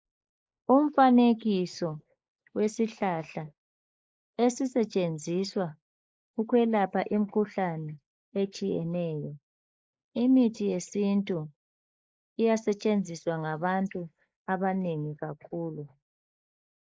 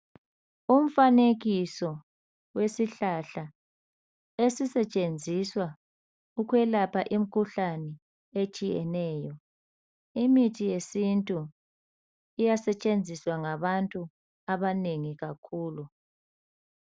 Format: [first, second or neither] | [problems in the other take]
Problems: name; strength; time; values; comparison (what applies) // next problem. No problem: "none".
second | noise reduction (neural mask model Resemble Enhance denoiser)